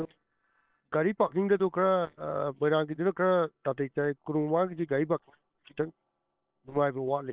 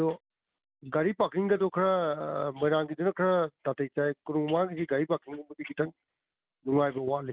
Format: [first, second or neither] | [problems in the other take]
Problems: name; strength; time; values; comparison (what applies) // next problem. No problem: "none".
second | noise reduction (neural separator model SepFormer WHAM!)